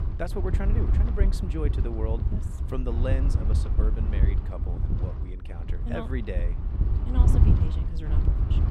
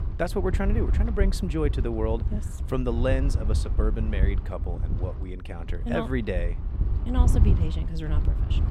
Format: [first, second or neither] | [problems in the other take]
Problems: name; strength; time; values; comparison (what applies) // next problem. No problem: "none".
second | wind noise on the microphone; heavy; 3 dB below the speech; occasional gusts in the second